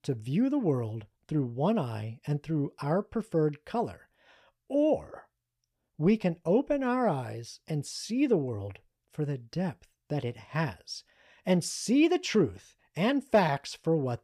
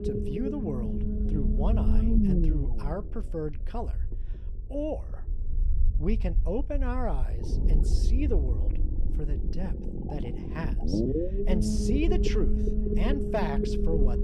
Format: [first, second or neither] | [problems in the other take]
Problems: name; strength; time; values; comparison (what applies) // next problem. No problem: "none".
first | low rumble; loud; throughout; as loud as the speech